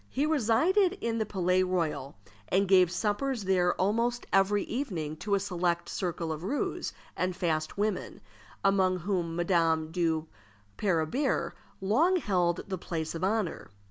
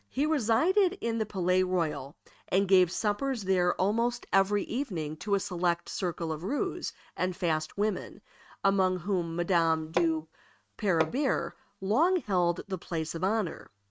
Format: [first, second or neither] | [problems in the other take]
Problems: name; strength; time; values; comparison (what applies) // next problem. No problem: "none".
first | noise reduction (neural mask model RNNoise)